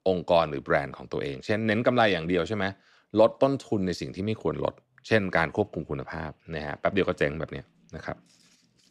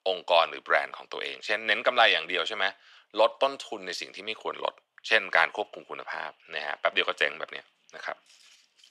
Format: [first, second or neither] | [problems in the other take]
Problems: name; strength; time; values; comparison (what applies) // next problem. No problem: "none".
first | thin; very; fading below 850 Hz